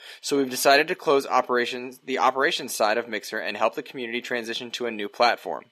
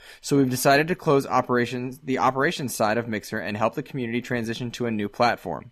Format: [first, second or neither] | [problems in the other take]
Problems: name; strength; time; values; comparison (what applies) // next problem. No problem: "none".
second | thin; somewhat; fading below 400 Hz